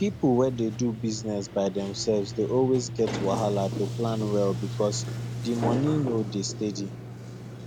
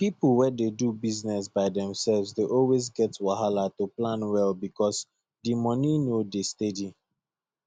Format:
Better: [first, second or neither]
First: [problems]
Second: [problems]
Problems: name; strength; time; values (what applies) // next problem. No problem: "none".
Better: second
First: background sound (Sliding door); 6 dB below the speech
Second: none